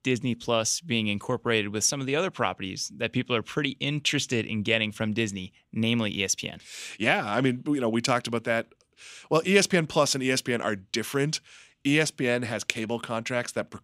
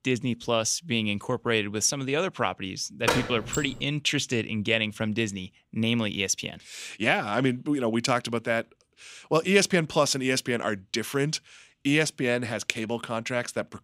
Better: first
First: none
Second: door banging; noticeable; at 3 s; peak level with the speech

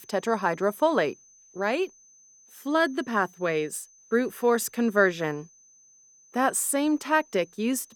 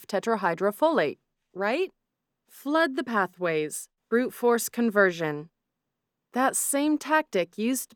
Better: second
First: high-pitched whine; faint; throughout; 6 kHz, 30 dB below the speech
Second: none

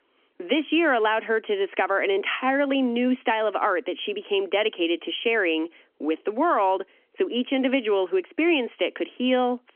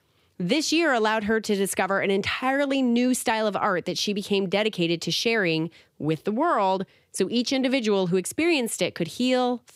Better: second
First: phone-call audio; nothing above 3.5 kHz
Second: none

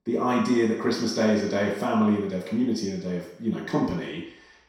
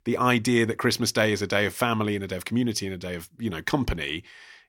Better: second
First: room echo; noticeable; dies away in 0.7 s // off-mic speech; far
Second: none

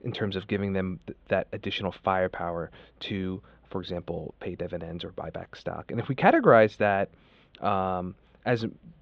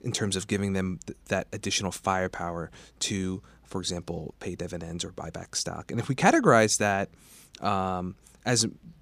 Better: second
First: muffled; very; fading above 3.5 kHz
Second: none

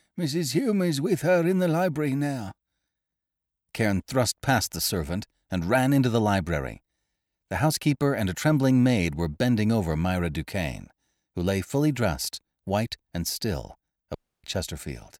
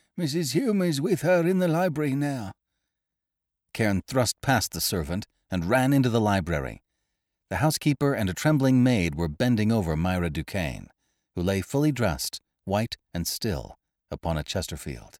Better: second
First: audio cutting out; at 14 s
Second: none

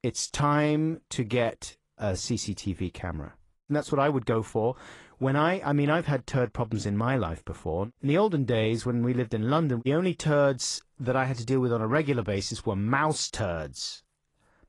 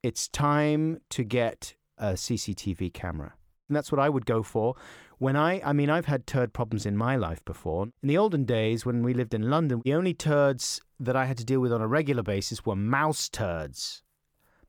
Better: second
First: garbled, watery; slightly; nothing above 10.5 kHz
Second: none

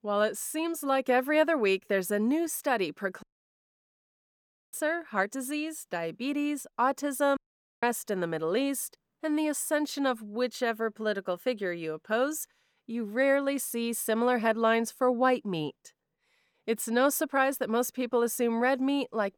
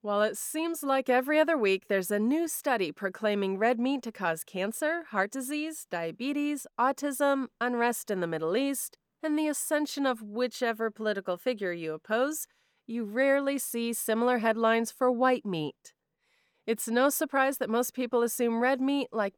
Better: second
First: audio cutting out; at 3 s for 1.5 s and at 7.5 s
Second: none

